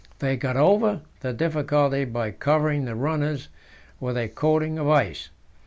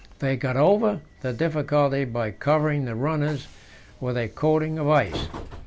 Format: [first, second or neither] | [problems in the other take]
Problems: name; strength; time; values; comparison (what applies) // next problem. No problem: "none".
first | background sound (Train); 18 dB below the speech